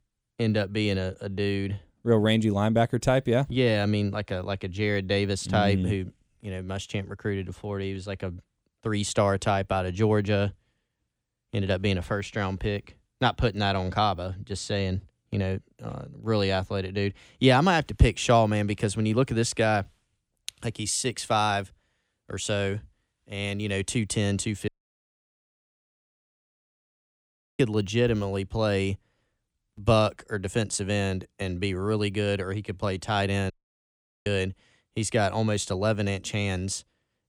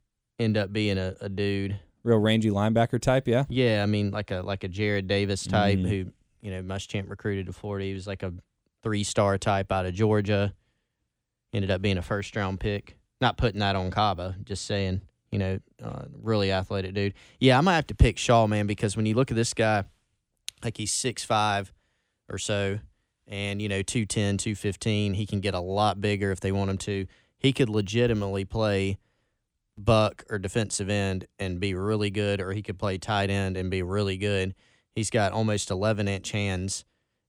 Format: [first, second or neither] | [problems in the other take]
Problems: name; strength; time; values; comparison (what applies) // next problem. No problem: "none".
second | audio cutting out; at 25 s for 3 s and at 34 s for 1 s